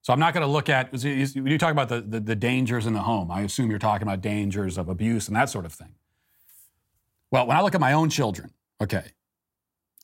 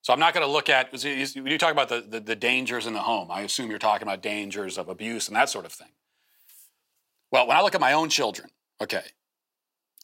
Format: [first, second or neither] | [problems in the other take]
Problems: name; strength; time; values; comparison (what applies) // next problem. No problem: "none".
first | thin; somewhat; fading below 450 Hz